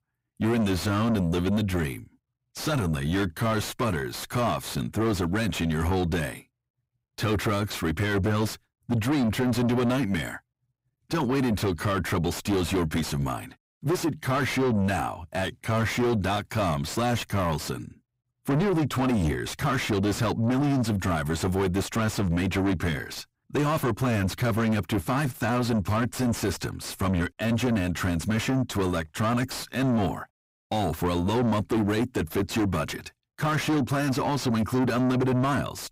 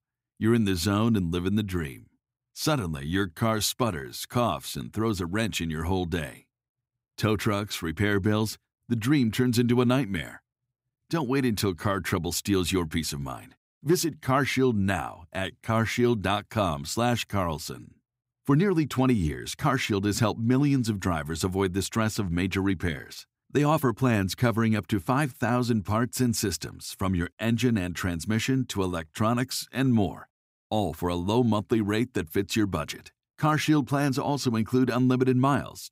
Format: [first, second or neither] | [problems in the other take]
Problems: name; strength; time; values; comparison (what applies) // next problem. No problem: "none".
second | distortion; heavy; 6 dB below the speech